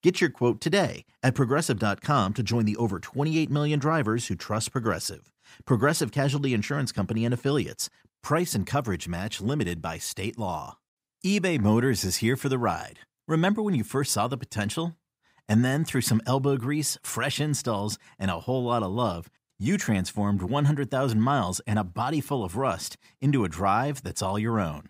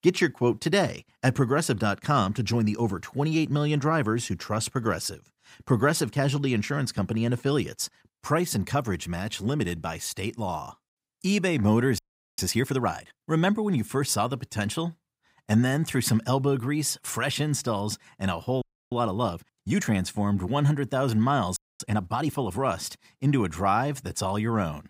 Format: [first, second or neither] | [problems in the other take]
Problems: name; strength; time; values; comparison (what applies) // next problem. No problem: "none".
first | audio freezing; at 12 s, at 19 s and at 22 s